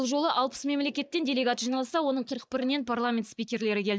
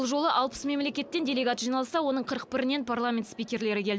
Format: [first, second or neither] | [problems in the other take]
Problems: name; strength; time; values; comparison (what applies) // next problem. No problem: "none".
second | noise reduction (neural mask model DeepFilterNet 3)